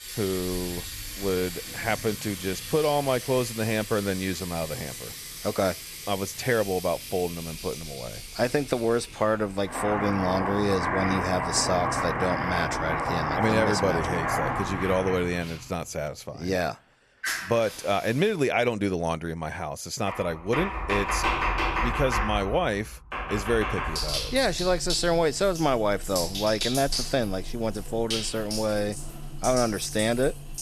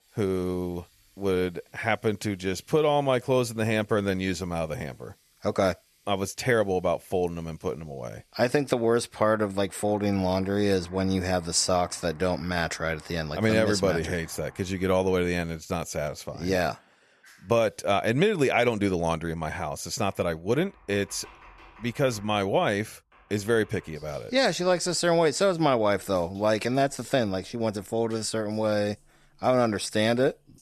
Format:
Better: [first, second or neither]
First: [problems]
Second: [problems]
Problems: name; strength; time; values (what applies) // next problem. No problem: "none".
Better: second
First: household noises; loud; throughout; 4 dB below the speech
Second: household noises; faint; throughout; 30 dB below the speech